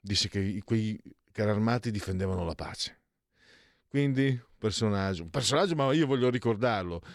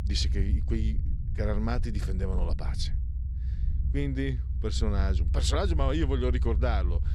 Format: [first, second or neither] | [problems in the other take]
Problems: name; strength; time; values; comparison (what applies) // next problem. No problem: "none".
first | low rumble; noticeable; throughout; 15 dB below the speech